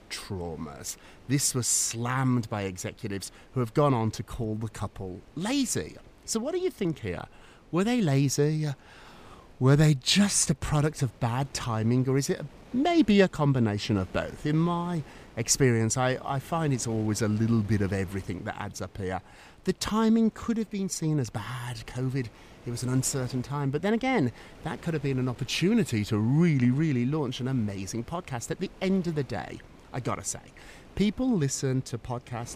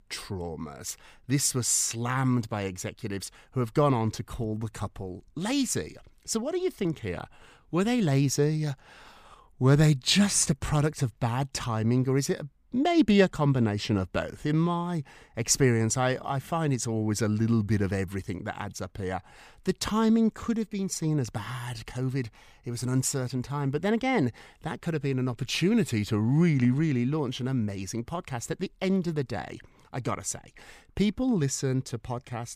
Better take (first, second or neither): second